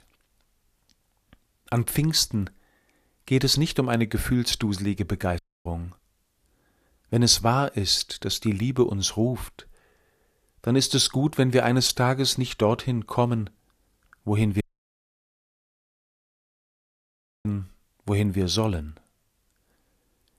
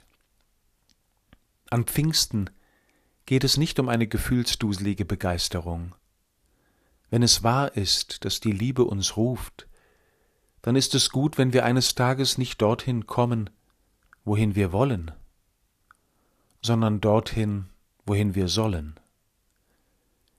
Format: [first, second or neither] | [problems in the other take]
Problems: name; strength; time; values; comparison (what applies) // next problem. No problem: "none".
second | audio cutting out; at 5.5 s and at 15 s for 3 s